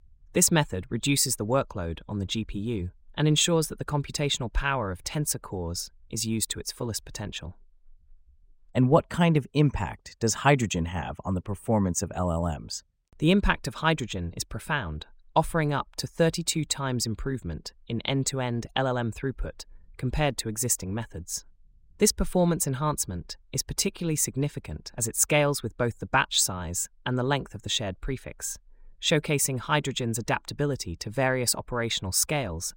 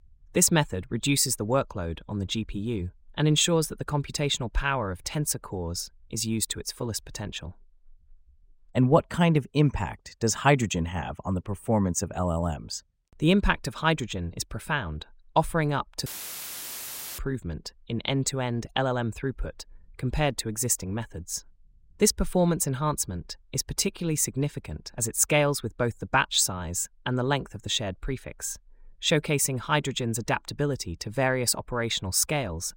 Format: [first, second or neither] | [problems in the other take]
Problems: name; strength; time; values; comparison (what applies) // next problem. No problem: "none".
first | audio cutting out; filled with static; at 16 s for 1 s